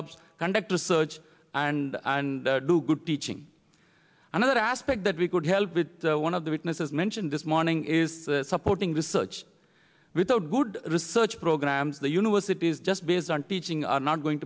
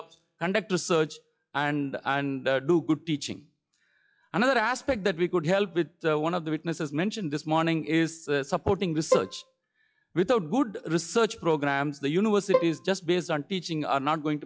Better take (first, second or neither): first